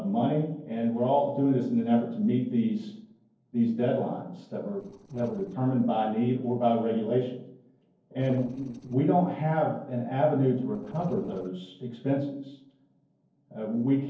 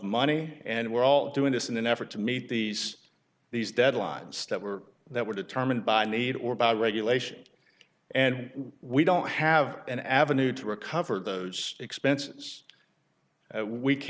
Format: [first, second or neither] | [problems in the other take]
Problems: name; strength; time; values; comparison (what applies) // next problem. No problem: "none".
second | noise reduction (neural separator model SepFormer DNS4)